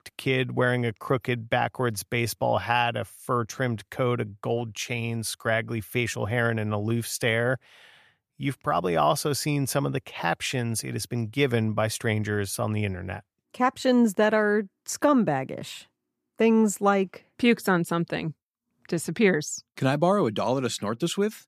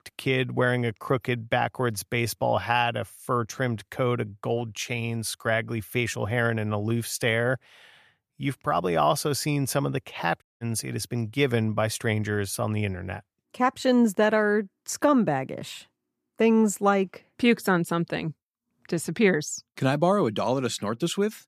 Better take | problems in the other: first | audio cutting out; at 10 s

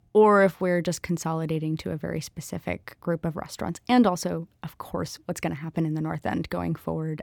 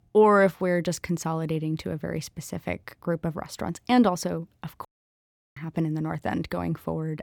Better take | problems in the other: first | audio cutting out; at 5 s for 0.5 s

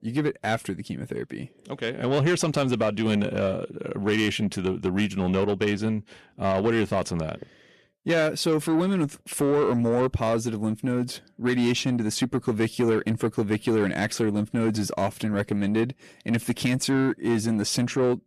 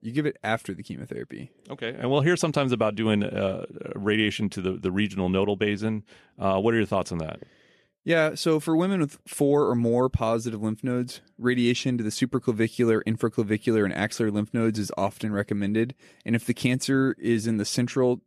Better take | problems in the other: second | distortion; slight; 10 dB below the speech

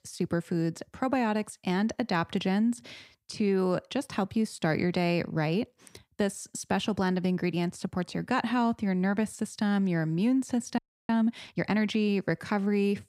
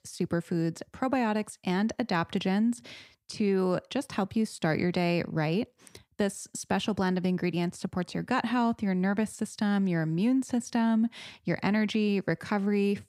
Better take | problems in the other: second | audio freezing; at 11 s

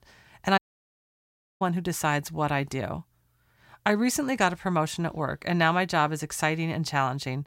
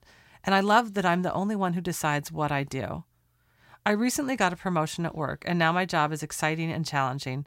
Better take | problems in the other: second | audio cutting out; at 0.5 s for 1 s

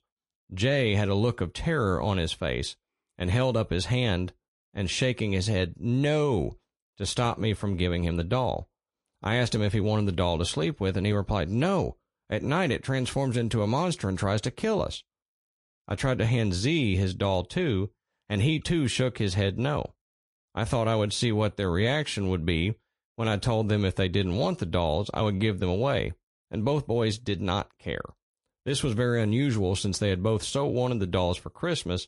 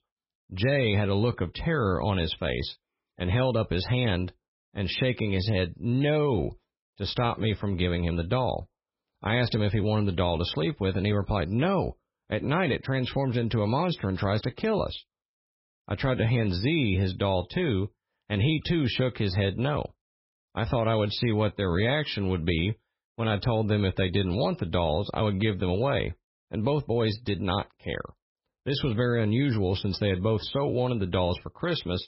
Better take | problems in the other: first | garbled, watery; badly; nothing above 5.5 kHz; slightly in the first

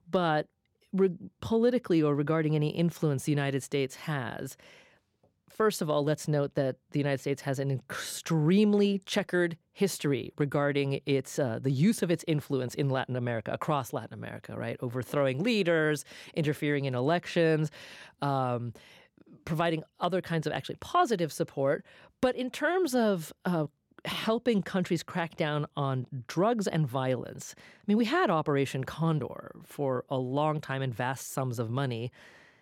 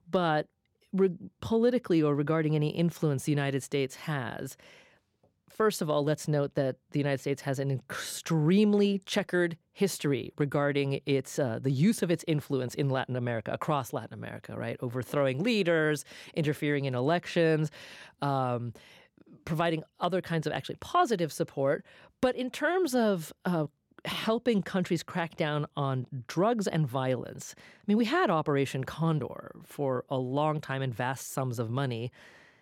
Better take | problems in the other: neither | none

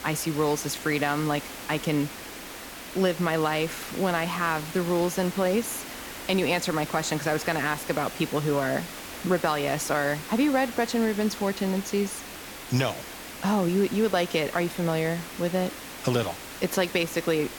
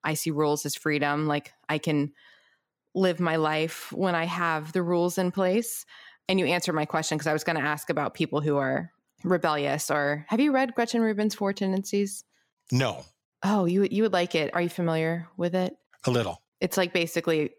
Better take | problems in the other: second | hiss; noticeable; throughout; 10 dB below the speech

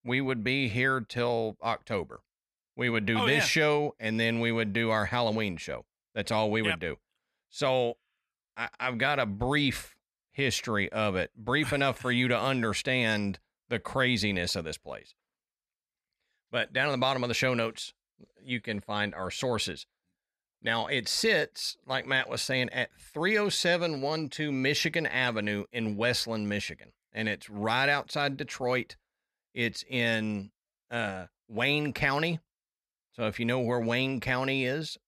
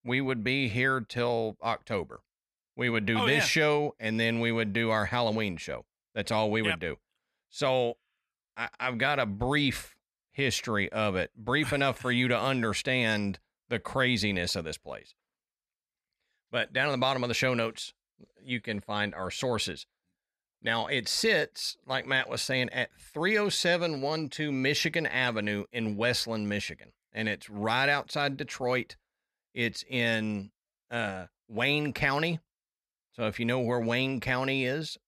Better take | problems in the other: neither | none

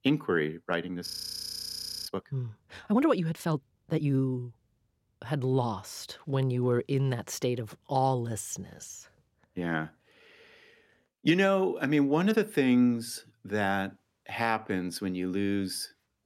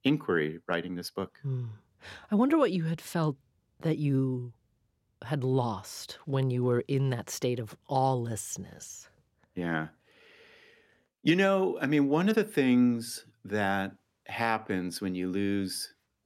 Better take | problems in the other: second | audio freezing; at 1 s for 1 s

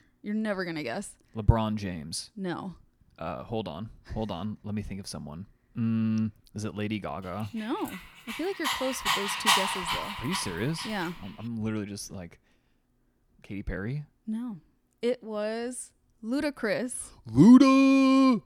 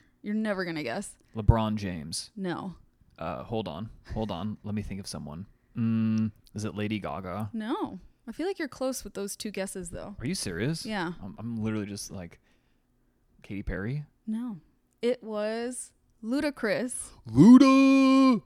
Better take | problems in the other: second | dog barking; loud; from 8.5 to 11 s; peak 5 dB above the speech

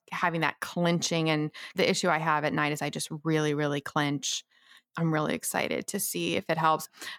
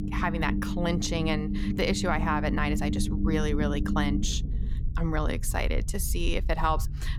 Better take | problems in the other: first | low rumble; loud; throughout; 8 dB below the speech

